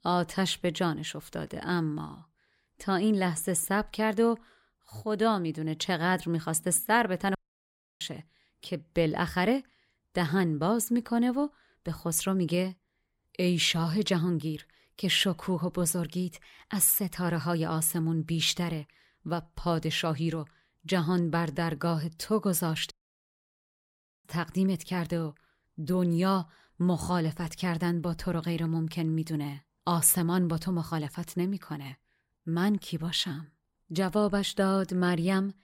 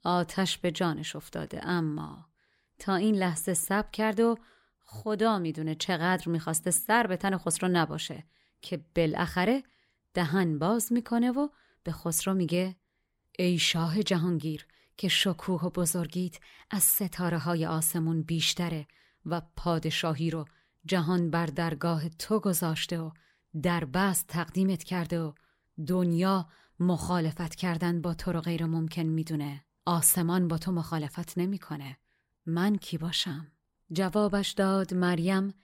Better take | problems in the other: second | audio cutting out; at 7.5 s for 0.5 s and at 23 s for 1.5 s

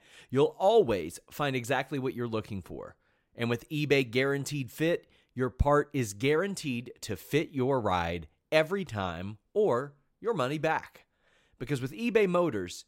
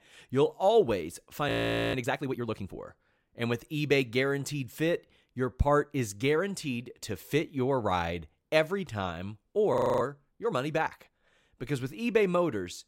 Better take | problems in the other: first | audio freezing; at 1.5 s and at 9.5 s

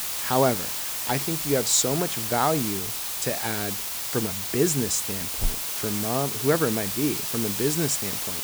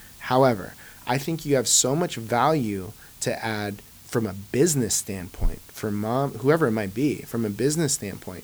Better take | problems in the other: second | hiss; loud; throughout; 1 dB below the speech; faint in the second

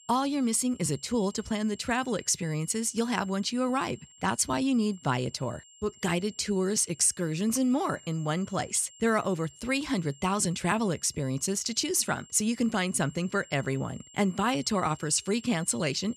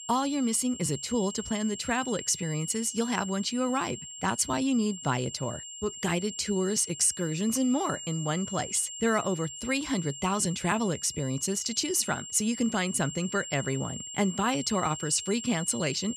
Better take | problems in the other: first | high-pitched whine; loud; throughout; 7.5 kHz, 10 dB below the speech; faint in the first

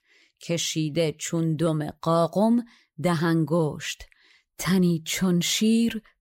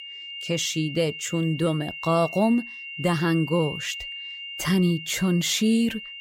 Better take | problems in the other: first | high-pitched whine; loud; throughout; 3 kHz, 10 dB below the speech

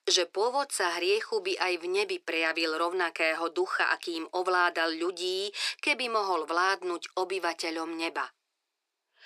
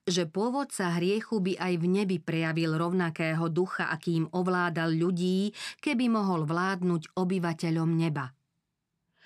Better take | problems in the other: second | thin; very; fading below 400 Hz

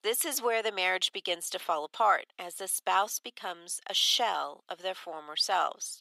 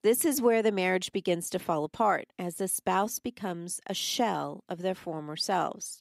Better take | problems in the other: second | thin; very; fading below 750 Hz

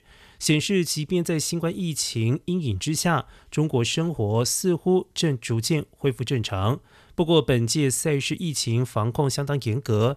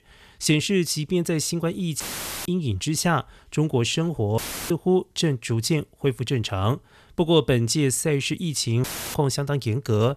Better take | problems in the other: first | audio cutting out; filled with static; at 2 s, at 4.5 s and at 9 s

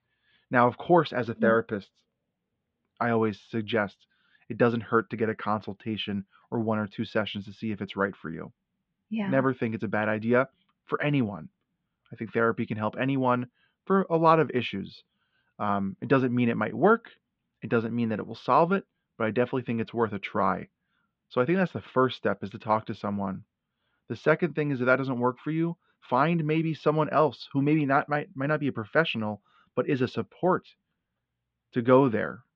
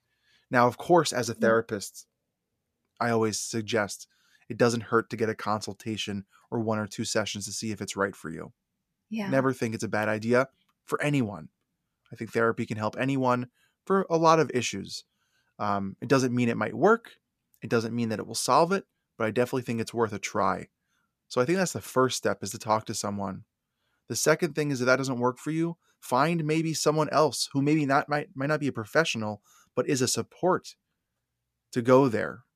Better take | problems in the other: second | muffled; very; fading above 3.5 kHz

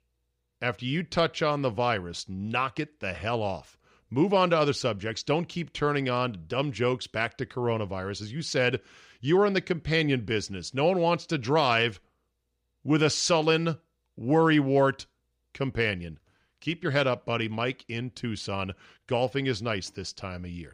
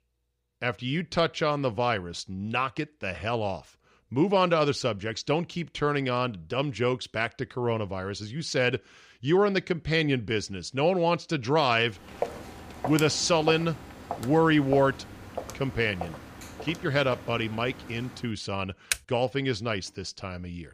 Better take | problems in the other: first | footsteps; noticeable; from 12 to 17 s; peak 7 dB below the speech // keyboard typing; very faint; at 19 s; peak 3 dB below the speech

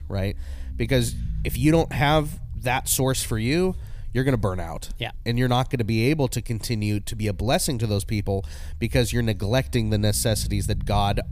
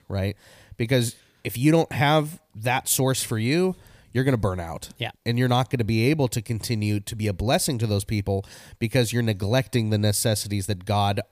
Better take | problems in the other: second | low rumble; faint; throughout; 25 dB below the speech

